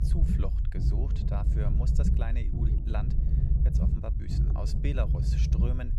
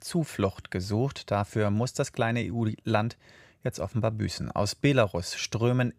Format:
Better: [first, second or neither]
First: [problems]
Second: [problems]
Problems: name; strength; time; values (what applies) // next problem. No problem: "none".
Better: second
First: low rumble; loud; throughout; as loud as the speech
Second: none